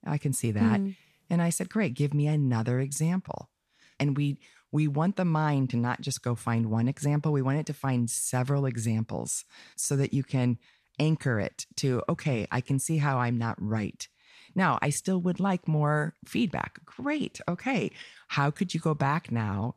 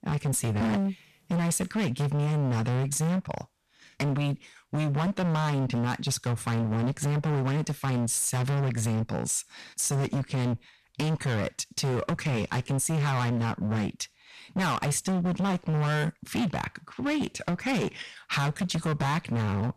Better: first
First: none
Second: distortion; heavy; 29% of the sound clipped

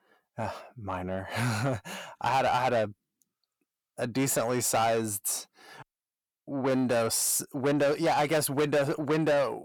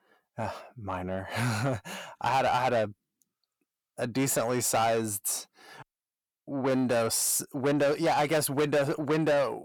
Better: neither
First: distortion; heavy; 8 dB below the speech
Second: distortion; heavy; 8 dB below the speech

